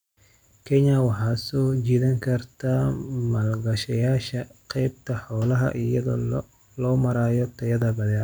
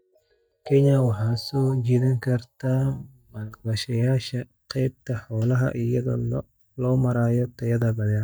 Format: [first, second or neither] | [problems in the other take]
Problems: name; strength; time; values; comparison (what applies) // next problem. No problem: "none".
first | noise reduction (neural mask model DeepFilterNet 3)